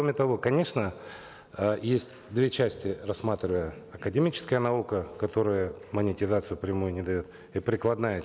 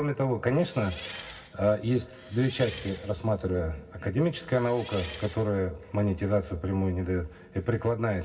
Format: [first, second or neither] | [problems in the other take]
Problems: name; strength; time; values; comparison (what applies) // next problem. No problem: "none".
first | background sound (Engine); 16 dB below the speech // room echo; dies away in 0.4 s